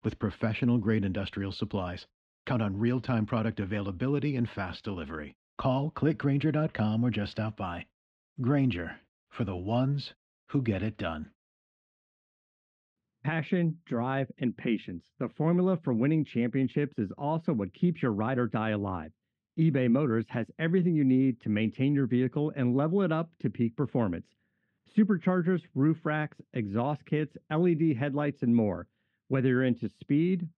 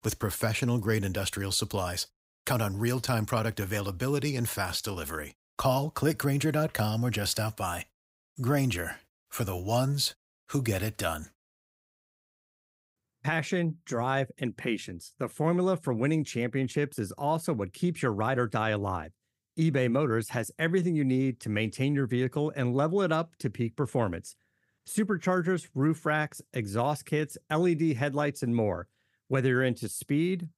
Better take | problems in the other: second | muffled; slightly; fading above 3 kHz

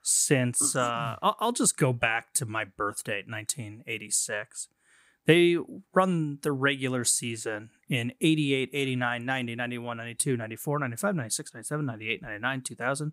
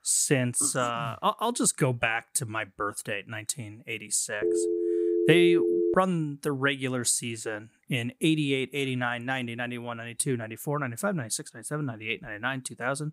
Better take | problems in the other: first | phone ringing; loud; from 4.5 to 6 s; peak 3 dB above the speech

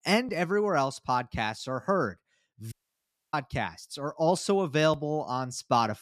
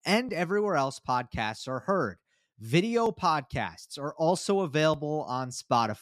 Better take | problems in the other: second | audio cutting out; at 2.5 s for 0.5 s

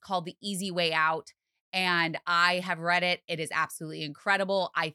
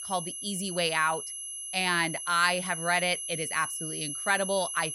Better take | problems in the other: first | high-pitched whine; loud; throughout; 11 kHz, 6 dB below the speech

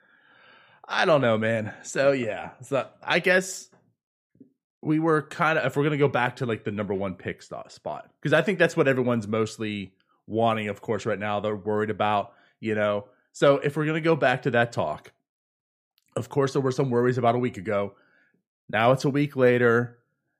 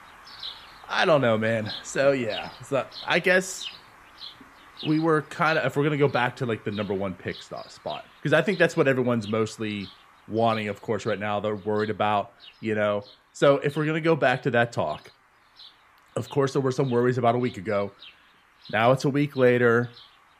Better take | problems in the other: first | animal sounds; noticeable; throughout; 20 dB below the speech

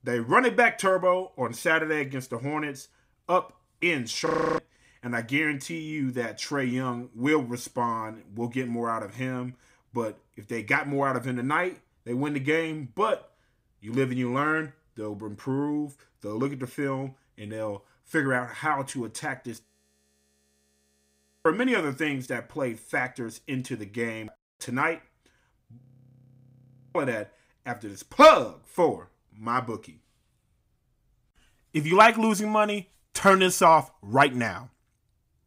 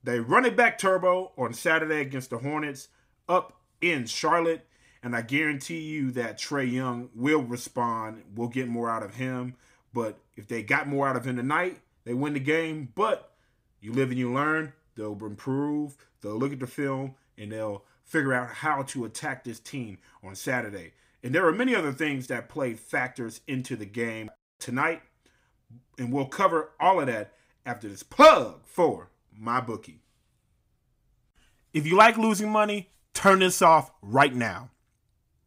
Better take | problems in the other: second | audio freezing; at 4.5 s, at 20 s for 2 s and at 26 s for 1 s

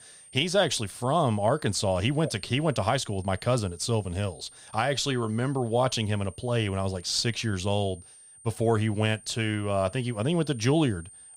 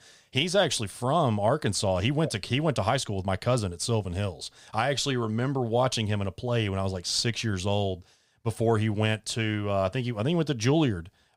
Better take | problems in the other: second | high-pitched whine; faint; throughout; 9 kHz, 20 dB below the speech

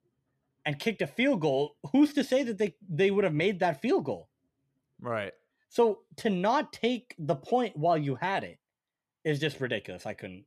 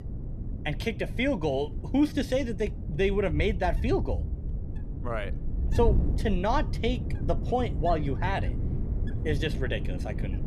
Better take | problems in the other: first | wind noise on the microphone; occasional gusts; 15 dB below the speech

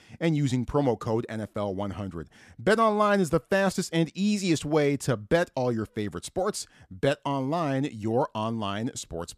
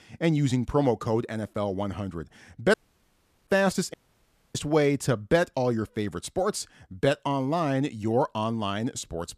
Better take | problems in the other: first | audio cutting out; at 2.5 s for 0.5 s and at 4 s for 0.5 s

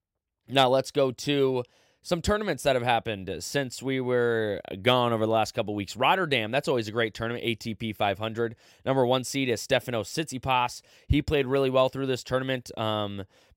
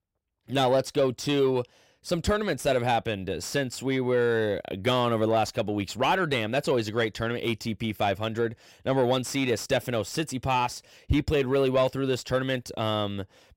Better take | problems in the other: first | distortion; slight; 10 dB below the speech

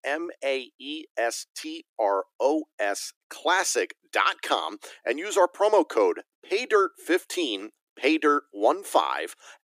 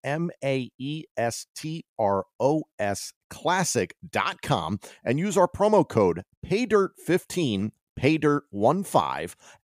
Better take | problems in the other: second | thin; somewhat; fading below 300 Hz

